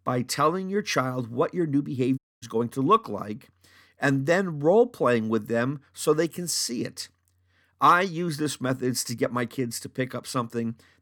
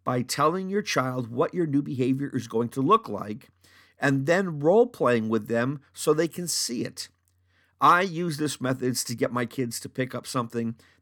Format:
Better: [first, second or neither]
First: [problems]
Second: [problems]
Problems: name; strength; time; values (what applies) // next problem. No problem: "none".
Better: second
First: audio cutting out; at 2 s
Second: none